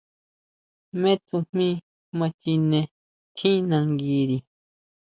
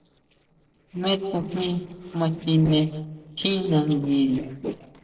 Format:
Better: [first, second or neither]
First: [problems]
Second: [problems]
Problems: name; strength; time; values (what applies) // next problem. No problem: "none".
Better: first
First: none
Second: noise reduction (neural separator model SepFormer DNS4)